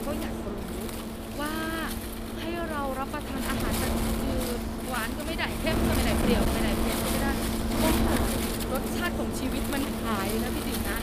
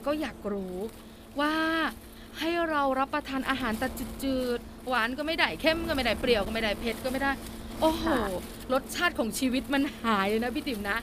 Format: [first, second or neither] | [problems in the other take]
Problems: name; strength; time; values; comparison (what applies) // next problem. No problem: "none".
second | wind noise on the microphone; heavy; 1 dB above the speech; occasional gusts in the second